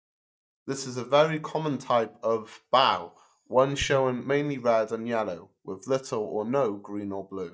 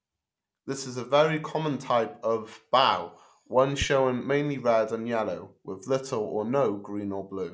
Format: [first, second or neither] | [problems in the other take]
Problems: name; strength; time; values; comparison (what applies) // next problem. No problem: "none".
second | noise reduction (neural mask model DeepFilterNet 3)